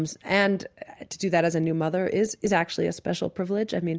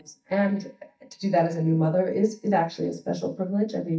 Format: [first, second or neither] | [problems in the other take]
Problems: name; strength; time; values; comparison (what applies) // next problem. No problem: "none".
first | noise reduction (neural mask model DeepFilterNet 3)